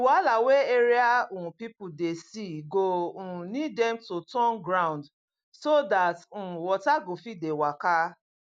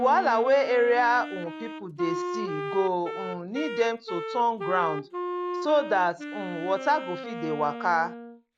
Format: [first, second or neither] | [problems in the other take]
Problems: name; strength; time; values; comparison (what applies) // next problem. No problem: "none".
first | background sound (Wind instrument, woodwind instrument); 8 dB below the speech